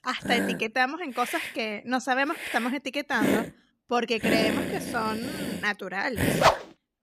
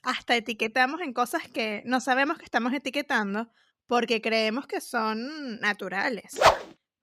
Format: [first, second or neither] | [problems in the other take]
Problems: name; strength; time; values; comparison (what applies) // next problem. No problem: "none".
second | hiss; loud; throughout; 3 dB below the speech